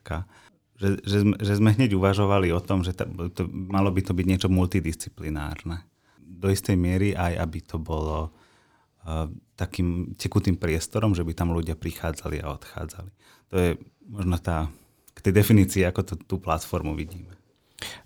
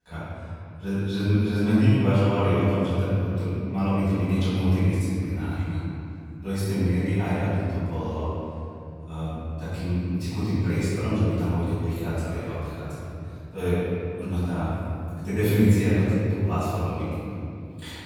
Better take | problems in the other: first | off-mic speech; far // room echo; strong; dies away in 2.7 s

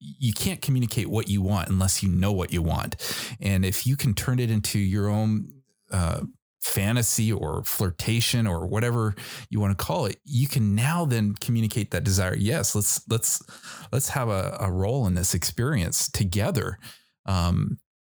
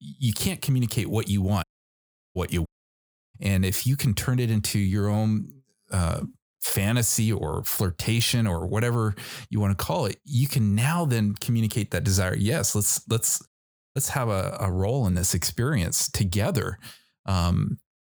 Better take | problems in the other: first | audio cutting out; at 1.5 s for 0.5 s, at 2.5 s for 0.5 s and at 13 s

